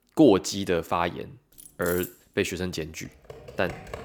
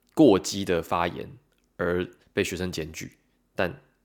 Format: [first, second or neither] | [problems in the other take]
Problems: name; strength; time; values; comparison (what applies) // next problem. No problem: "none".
second | jangling keys; noticeable; at 1.5 s; peak 9 dB below the speech // keyboard typing; faint; from 3 s on; peak 15 dB below the speech